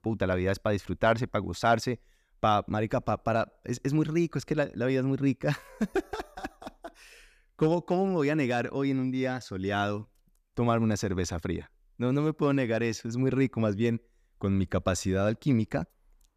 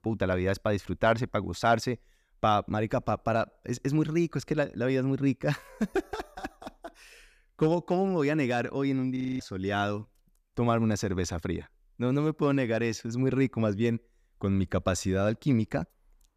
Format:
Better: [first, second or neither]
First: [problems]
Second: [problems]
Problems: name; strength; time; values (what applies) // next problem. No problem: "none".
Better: first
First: none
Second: audio freezing; at 9 s